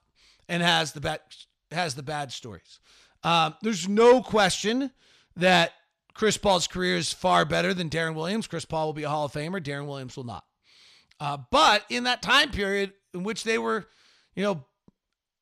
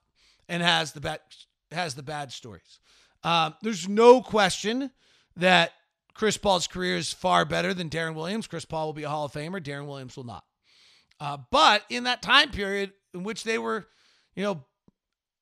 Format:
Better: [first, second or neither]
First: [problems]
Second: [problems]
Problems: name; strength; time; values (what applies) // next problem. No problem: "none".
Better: second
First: distortion; slight; 10 dB below the speech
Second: none